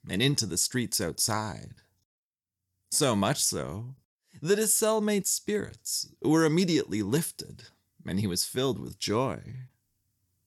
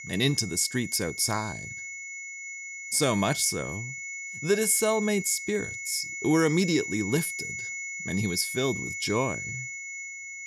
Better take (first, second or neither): first